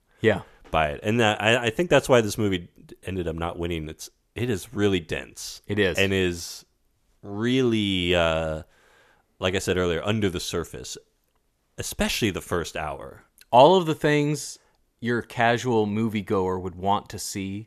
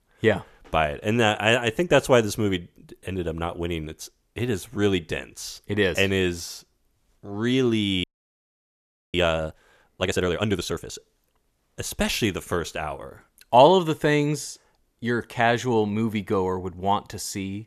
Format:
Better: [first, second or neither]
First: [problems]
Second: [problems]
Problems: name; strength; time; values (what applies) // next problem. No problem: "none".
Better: first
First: none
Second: audio freezing; at 8 s for 1 s